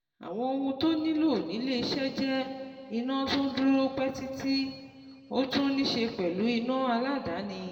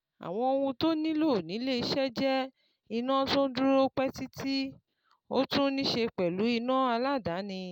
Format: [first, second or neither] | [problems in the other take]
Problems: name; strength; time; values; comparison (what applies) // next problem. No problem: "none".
second | room echo; dies away in 1.8 s